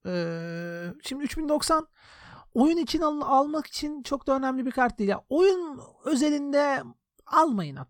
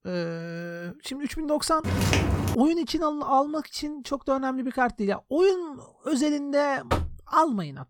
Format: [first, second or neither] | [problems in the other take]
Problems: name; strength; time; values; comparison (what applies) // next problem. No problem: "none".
first | footsteps; loud; at 2 s; peak 3 dB above the speech // door banging; noticeable; at 7 s; peak 3 dB below the speech